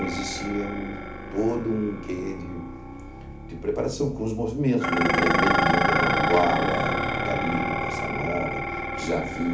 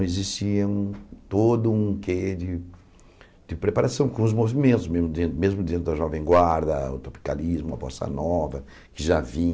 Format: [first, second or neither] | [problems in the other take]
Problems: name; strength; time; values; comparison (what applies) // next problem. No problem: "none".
second | background sound (Dishes, pots, and pans); 1 dB above the speech // room echo; dies away in 0.4 s